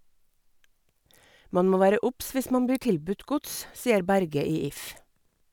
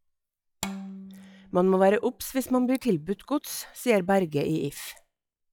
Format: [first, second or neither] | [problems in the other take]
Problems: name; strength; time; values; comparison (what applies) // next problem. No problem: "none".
first | noise reduction (classical method log-MMSE)